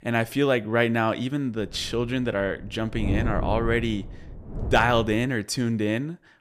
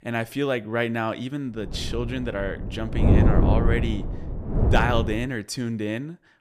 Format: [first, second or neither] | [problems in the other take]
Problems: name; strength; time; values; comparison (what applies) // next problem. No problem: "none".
first | wind noise on the microphone; heavy; from 1.5 to 5 s; 4 dB below the speech; occasional gusts in the first